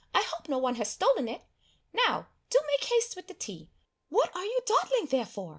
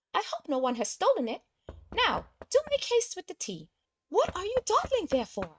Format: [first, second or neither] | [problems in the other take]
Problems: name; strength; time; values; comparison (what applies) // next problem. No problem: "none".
first | noise reduction (neural mask model RNNoise)